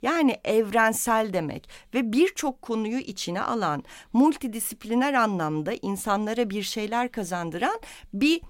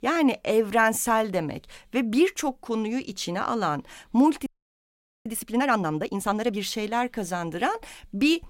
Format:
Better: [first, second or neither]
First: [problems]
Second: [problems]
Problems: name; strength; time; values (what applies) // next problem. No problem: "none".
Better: first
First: none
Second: audio freezing; at 4.5 s for 1 s